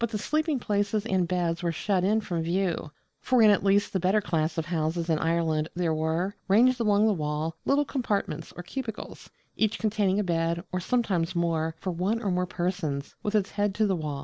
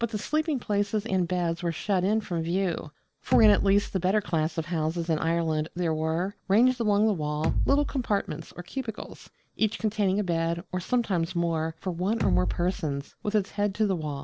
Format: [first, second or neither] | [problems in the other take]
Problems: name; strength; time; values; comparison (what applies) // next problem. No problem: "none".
first | background sound (Bass drum); 3 dB below the speech